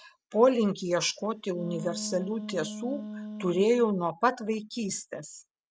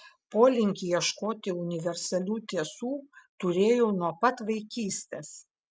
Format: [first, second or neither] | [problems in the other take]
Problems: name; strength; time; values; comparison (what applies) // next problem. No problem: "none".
second | background sound (Wind instrument, woodwind instrument); 11 dB below the speech